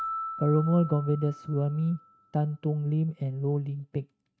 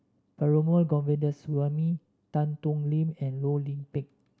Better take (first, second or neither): second